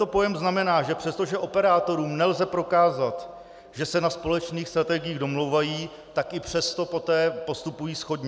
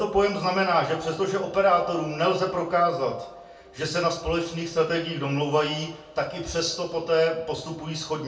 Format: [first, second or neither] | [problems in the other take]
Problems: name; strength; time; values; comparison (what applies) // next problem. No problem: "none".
first | room echo; dies away in 0.3 s